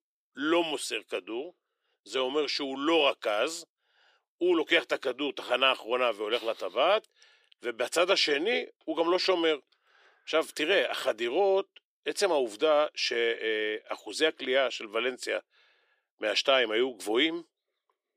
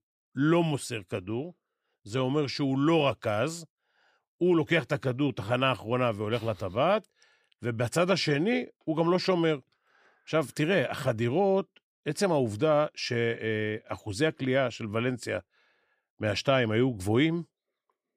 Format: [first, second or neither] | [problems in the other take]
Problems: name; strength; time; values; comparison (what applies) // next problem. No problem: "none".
second | thin; somewhat; fading below 350 Hz